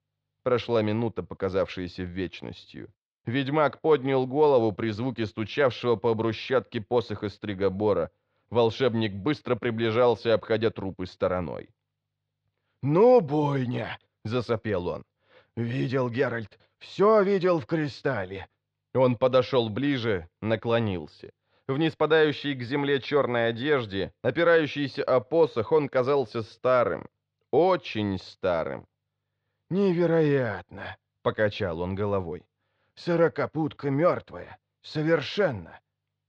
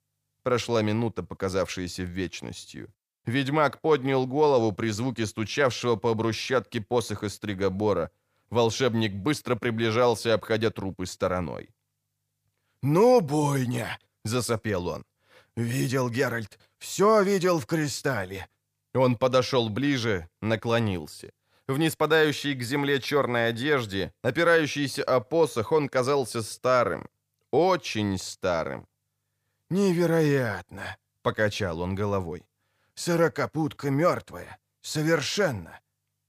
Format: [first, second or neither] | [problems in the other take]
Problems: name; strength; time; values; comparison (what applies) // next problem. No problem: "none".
second | muffled; slightly; fading above 4 kHz